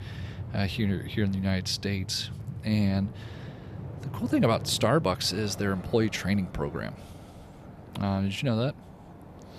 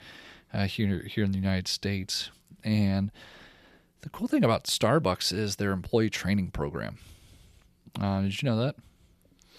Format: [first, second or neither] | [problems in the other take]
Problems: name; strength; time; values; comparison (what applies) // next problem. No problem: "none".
second | train or aircraft noise; noticeable; throughout; 15 dB below the speech